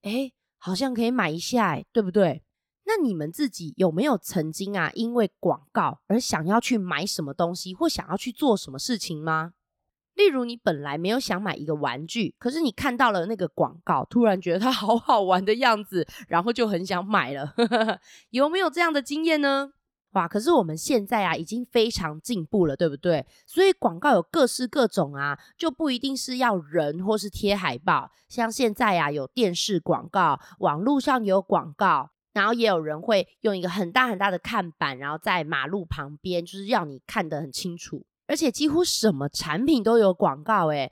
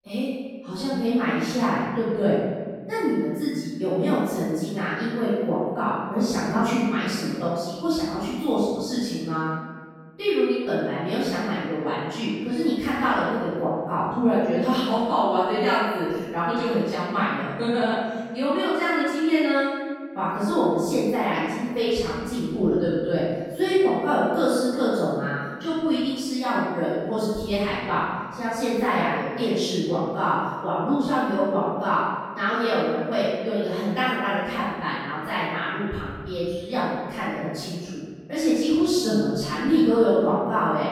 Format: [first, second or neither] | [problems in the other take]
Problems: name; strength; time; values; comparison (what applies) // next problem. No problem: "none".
first | off-mic speech; far // room echo; strong; dies away in 1.5 s